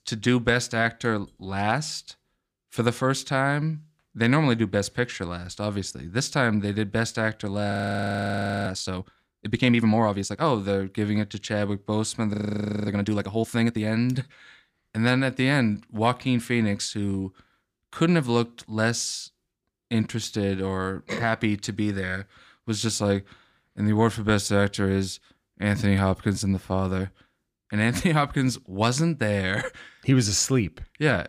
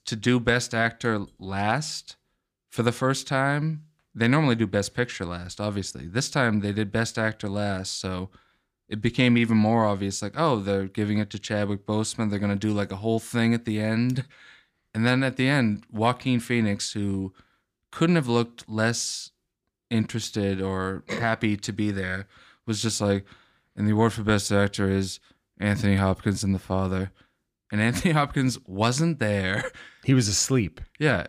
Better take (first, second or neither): second